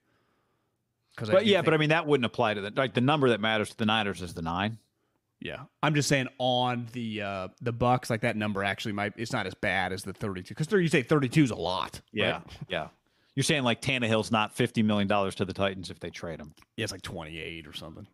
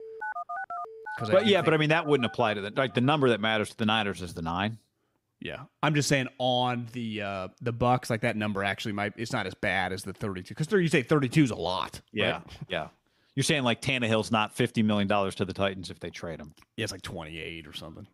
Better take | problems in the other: first | phone ringing; noticeable; until 3 s; peak 7 dB below the speech

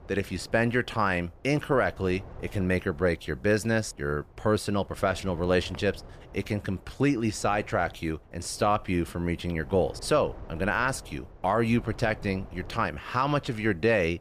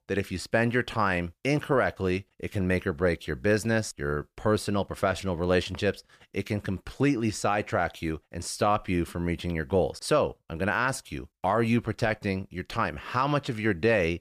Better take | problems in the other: second | wind noise on the microphone; occasional gusts; 25 dB below the speech

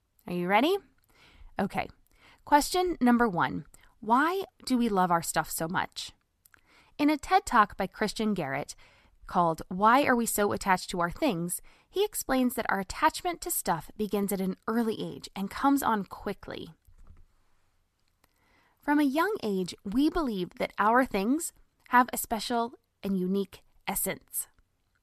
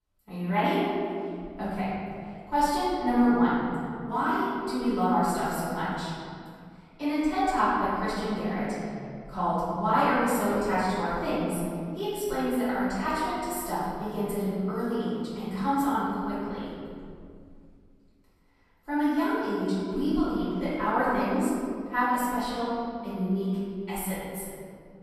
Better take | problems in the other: first | room echo; strong; dies away in 2.5 s // off-mic speech; far

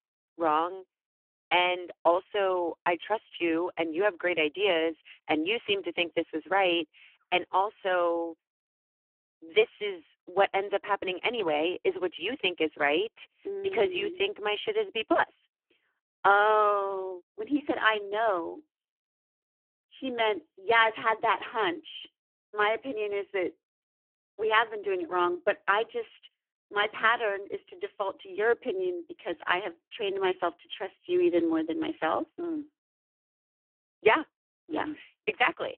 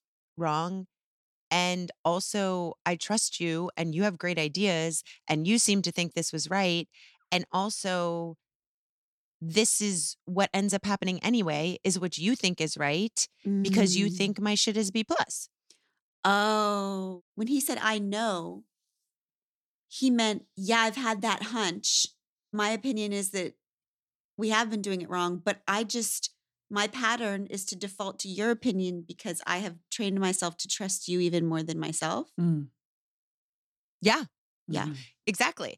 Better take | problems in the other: second | phone-call audio; poor line; nothing above 3 kHz

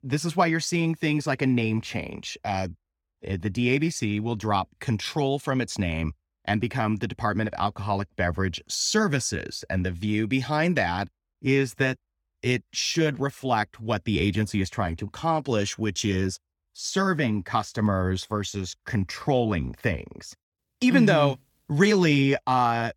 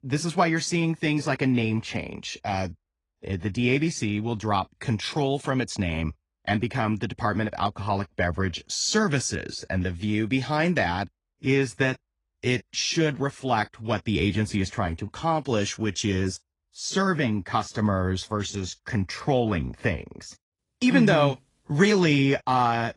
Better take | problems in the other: first | garbled, watery; slightly; nothing above 10 kHz

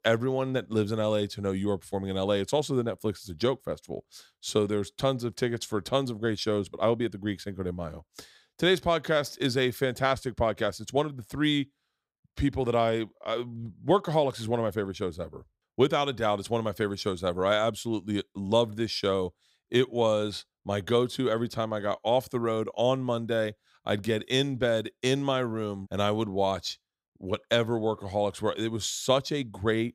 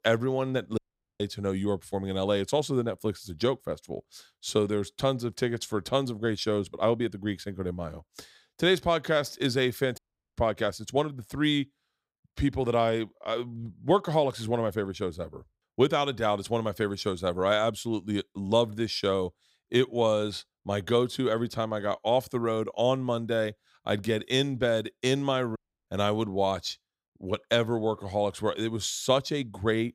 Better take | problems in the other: first | audio cutting out; at 1 s, at 10 s and at 26 s

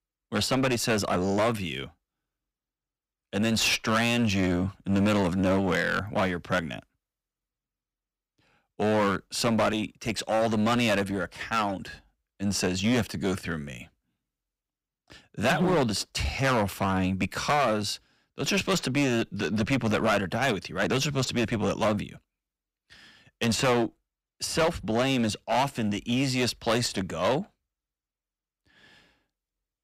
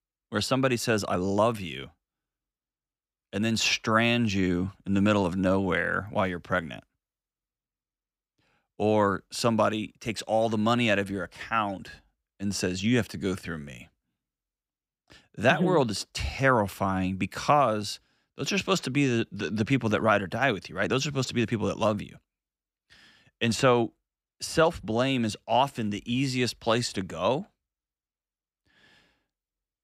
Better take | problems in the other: second | distortion; heavy; 10% of the sound clipped

